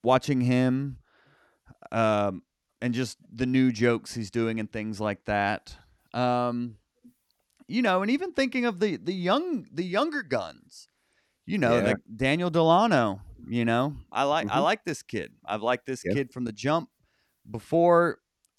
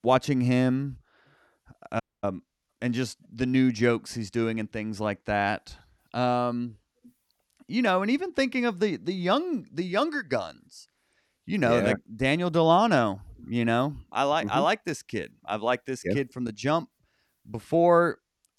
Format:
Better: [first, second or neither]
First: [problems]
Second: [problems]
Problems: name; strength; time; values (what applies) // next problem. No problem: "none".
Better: first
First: none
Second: audio cutting out; at 2 s